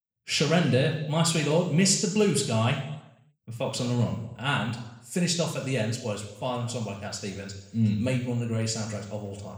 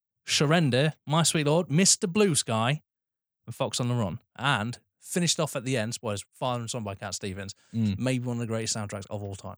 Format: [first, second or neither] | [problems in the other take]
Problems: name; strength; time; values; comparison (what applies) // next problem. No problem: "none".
second | room echo; slight; dies away in 0.8 s // off-mic speech; somewhat distant